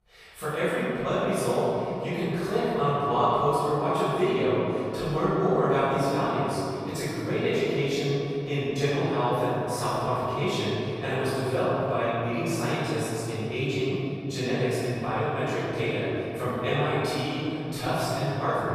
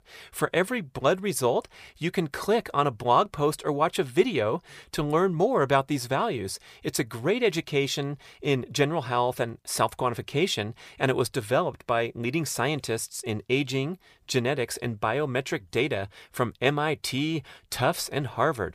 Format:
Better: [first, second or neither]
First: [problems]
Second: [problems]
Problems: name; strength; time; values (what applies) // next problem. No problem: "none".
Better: second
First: off-mic speech; far // room echo; strong; dies away in 2.9 s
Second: none